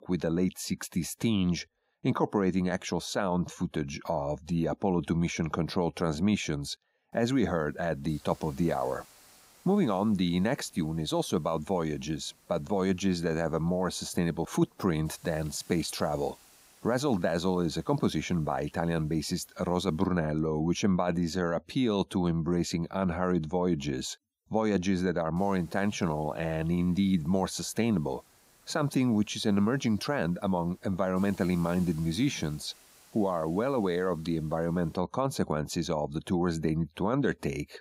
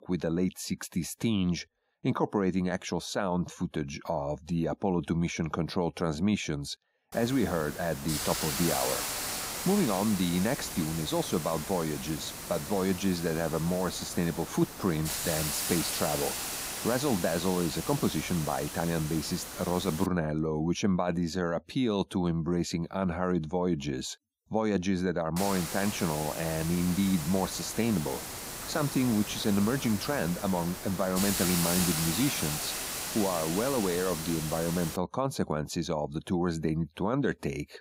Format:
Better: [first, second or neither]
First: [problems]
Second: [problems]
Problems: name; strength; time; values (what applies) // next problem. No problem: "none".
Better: first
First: hiss; faint; from 7 to 20 s and from 25 to 35 s; 25 dB below the speech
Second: hiss; loud; from 7 to 20 s and from 25 to 35 s; 4 dB below the speech